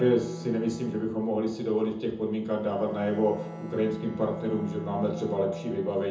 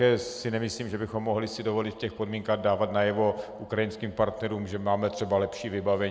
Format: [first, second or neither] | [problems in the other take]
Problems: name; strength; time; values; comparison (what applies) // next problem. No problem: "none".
second | background sound (Bowed string instrument); 13 dB below the speech // room echo; dies away in 0.6 s